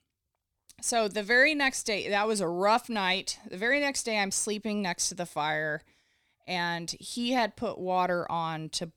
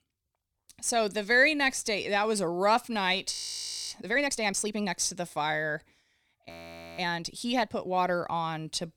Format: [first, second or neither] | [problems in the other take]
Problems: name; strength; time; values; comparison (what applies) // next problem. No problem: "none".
first | audio freezing; at 3.5 s for 0.5 s and at 6.5 s